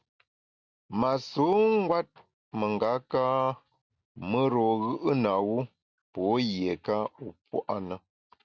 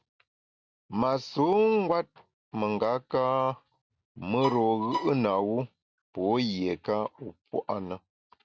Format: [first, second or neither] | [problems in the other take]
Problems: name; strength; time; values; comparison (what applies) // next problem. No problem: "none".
first | background sound (Bowed string instrument); 7 dB below the speech